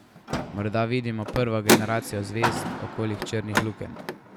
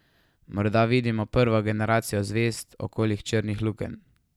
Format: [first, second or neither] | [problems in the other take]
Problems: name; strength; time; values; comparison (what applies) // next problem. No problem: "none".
second | background sound (Car); as loud as the speech